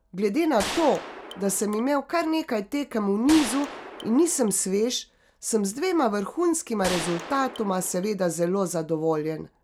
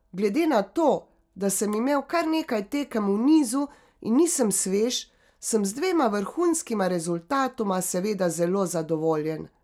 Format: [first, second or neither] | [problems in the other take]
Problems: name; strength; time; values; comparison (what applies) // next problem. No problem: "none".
second | background sound (Gunshot, gunfire); 10 dB below the speech